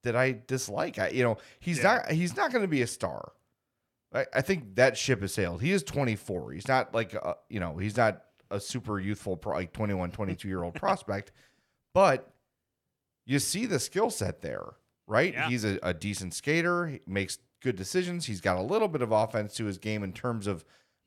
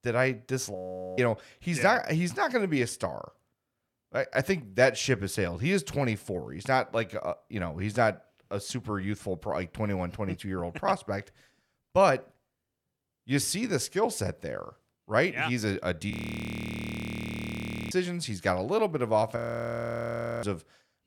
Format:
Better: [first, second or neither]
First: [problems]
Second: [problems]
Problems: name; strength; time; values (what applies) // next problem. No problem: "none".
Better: first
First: none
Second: audio freezing; at 1 s, at 16 s for 2 s and at 19 s for 1 s